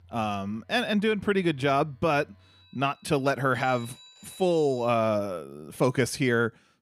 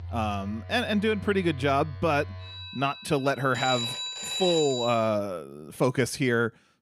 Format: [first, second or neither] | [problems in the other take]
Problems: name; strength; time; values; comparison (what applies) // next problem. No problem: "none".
first | alarms or sirens; loud; until 5 s; 7 dB below the speech; faint in the first